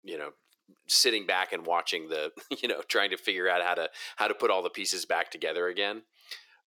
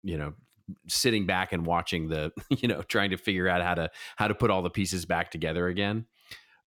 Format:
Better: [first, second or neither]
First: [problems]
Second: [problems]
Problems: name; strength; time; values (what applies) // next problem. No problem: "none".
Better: second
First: thin; very; fading below 400 Hz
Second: none